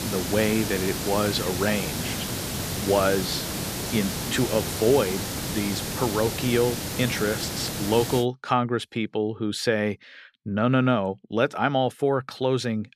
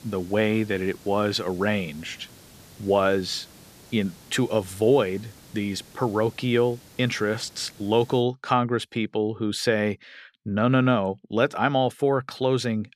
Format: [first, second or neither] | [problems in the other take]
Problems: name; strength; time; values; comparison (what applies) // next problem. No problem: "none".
second | hiss; loud; until 8 s; 4 dB below the speech; faint in the second